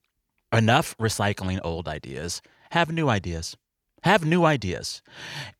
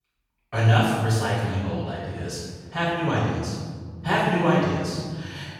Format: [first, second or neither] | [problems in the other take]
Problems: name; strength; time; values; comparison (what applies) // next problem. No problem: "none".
first | room echo; strong; dies away in 1.6 s // off-mic speech; far